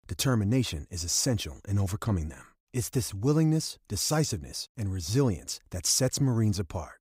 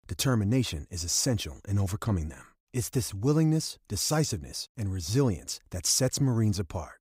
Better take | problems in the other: neither | none

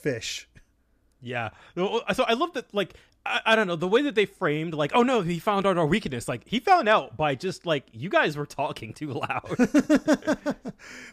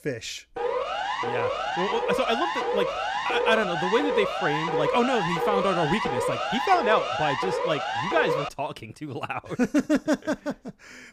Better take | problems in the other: first | siren; loud; from 0.5 to 8.5 s; peak 2 dB above the speech

